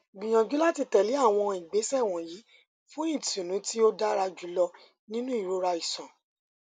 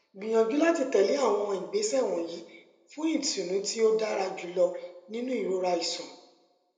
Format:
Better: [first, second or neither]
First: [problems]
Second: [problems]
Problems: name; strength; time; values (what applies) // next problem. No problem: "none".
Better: first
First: none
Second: room echo; dies away in 0.6 s